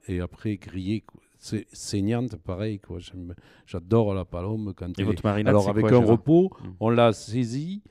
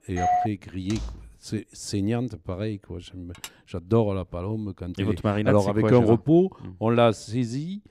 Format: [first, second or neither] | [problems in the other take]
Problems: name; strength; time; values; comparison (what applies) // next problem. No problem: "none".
first | doorbell; loud; at the start; peak level with the speech // door banging; faint; at 1 s; peak 15 dB below the speech // clattering dishes; faint; at 3.5 s; peak 15 dB below the speech